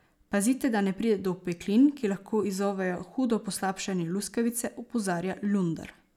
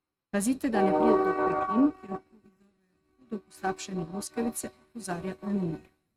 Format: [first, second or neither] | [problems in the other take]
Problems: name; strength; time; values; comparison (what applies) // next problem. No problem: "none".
first | noise reduction (neural mask model RNNoise)